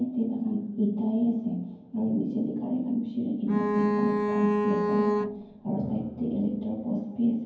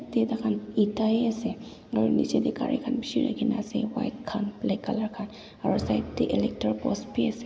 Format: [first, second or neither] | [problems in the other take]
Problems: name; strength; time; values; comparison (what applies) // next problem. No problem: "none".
second | background sound (Bowed string instrument); 2 dB above the speech // room echo; dies away in 0.9 s